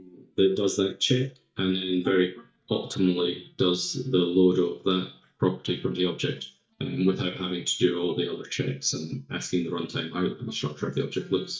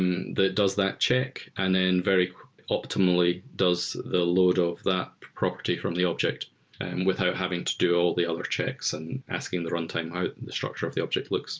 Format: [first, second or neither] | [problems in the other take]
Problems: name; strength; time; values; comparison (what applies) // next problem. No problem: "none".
second | noise reduction (neural mask model DeepFilterNet 3)